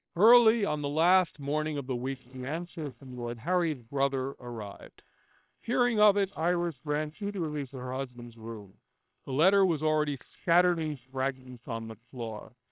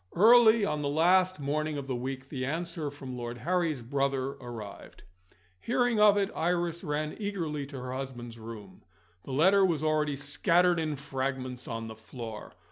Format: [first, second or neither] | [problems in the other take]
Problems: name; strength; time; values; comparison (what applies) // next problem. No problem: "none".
second | noise reduction (neural separator model SepFormer WHAM!)